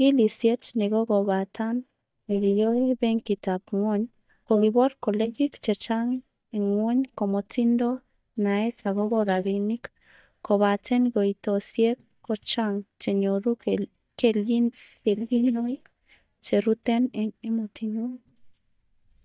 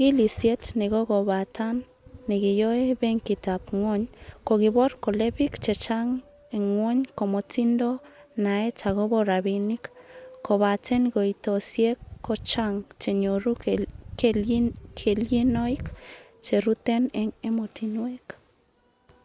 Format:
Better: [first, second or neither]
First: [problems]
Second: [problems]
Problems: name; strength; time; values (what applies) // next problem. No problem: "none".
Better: second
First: noise reduction (neural mask model DeepFilterNet 3)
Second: none